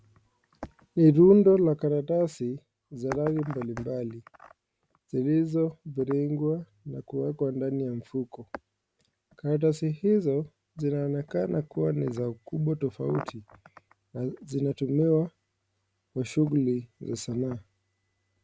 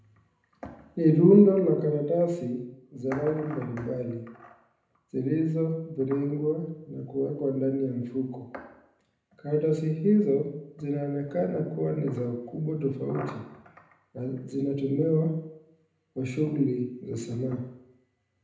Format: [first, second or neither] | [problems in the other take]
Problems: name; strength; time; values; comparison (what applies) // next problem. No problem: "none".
first | room echo; dies away in 0.7 s